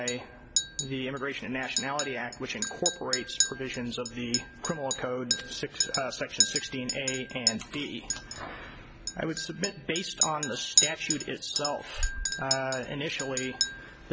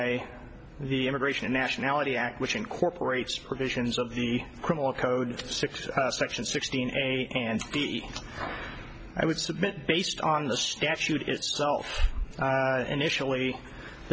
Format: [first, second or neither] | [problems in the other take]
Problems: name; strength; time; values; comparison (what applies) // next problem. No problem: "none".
second | background sound (Chink, clink); 1 dB above the speech